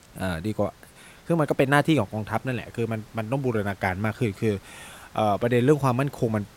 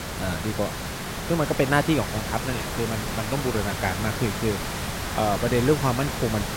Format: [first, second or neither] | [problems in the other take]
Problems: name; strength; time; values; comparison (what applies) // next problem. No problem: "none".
first | hiss; loud; throughout; 4 dB below the speech; faint in the first